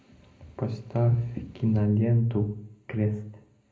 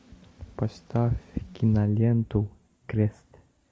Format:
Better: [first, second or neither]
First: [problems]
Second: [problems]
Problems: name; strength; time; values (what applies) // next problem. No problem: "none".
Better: second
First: room echo; dies away in 0.4 s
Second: none